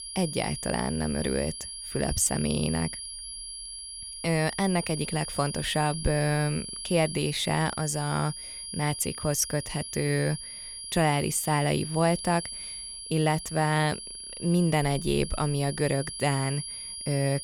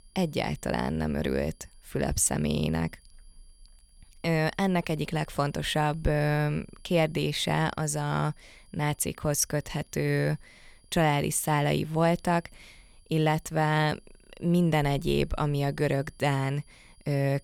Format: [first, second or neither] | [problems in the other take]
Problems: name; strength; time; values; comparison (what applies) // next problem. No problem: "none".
second | high-pitched whine; loud; throughout; 10.5 kHz, 8 dB below the speech; faint in the second